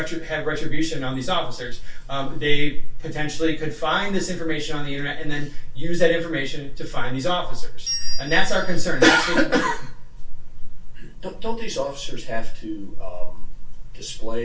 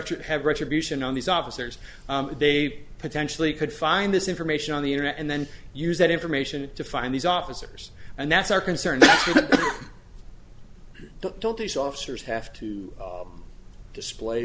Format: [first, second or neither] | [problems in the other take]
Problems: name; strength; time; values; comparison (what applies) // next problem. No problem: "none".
second | background sound (Bell); 17 dB below the speech // room echo; dies away in 0.2 s